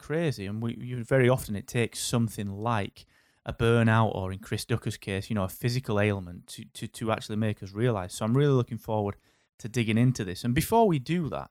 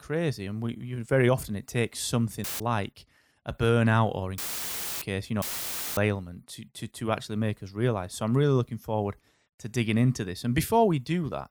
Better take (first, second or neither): first